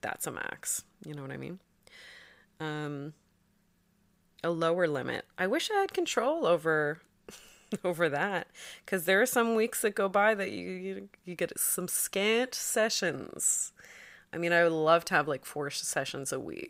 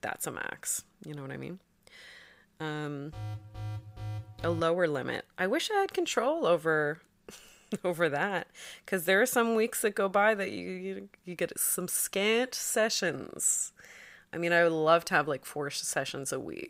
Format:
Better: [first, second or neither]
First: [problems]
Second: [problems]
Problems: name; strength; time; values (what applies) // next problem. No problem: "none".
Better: first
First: none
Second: alarm; faint; from 3 to 4.5 s; peak 10 dB below the speech